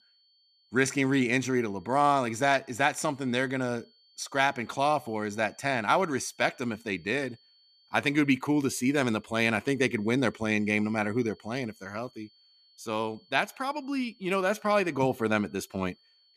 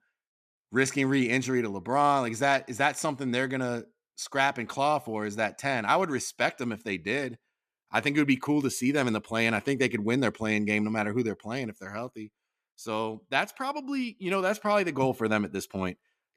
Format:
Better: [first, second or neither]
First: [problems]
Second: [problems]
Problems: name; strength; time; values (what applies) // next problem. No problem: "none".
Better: second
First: high-pitched whine; faint; throughout; 4.5 kHz, 35 dB below the speech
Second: none